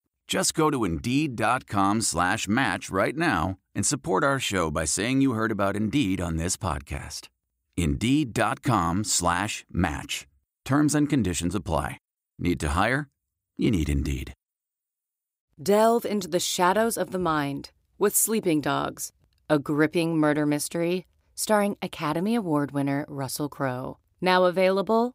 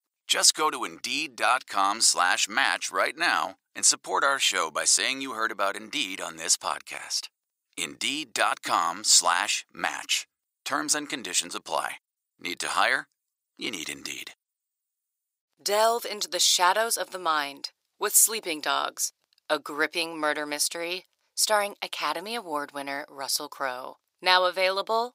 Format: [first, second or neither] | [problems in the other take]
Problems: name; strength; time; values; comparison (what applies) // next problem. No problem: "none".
first | thin; very; fading below 700 Hz